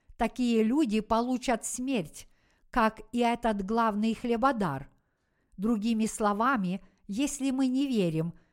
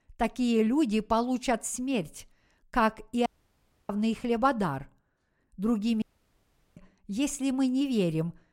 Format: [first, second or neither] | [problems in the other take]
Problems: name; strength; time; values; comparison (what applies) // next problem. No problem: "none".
first | audio cutting out; at 3.5 s for 0.5 s and at 6 s for 0.5 s